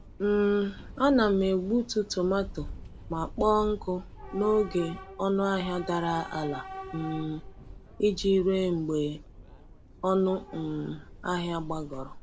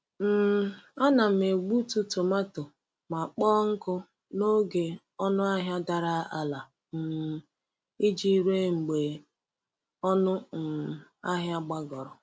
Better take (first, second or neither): second